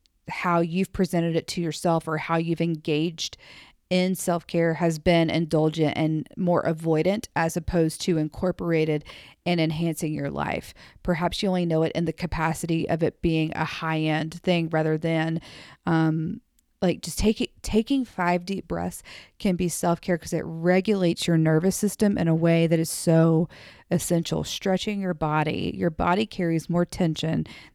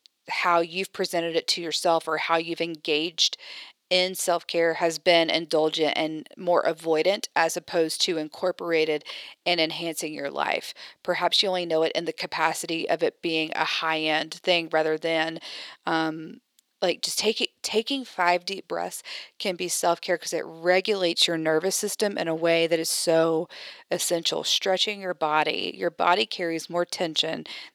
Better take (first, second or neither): first